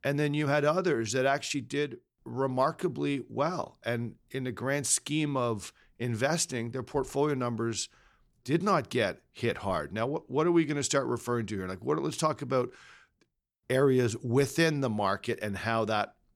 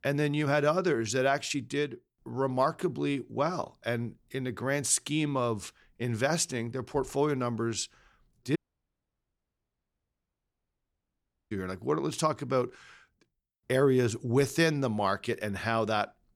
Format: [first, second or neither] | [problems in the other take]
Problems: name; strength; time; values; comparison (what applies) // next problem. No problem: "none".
first | audio cutting out; at 8.5 s for 3 s